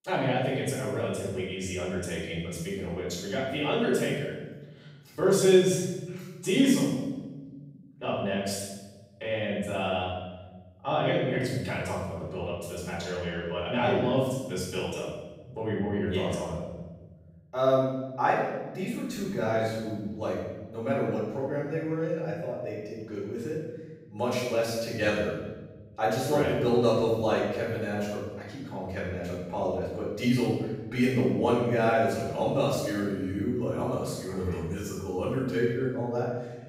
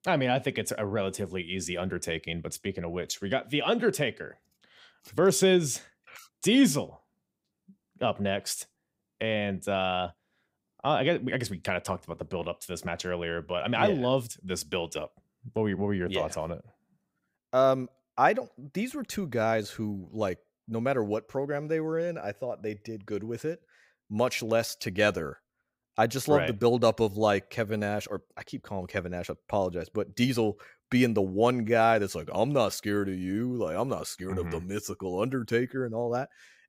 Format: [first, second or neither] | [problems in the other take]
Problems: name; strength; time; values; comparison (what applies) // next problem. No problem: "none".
second | off-mic speech; far // room echo; strong; dies away in 1.2 s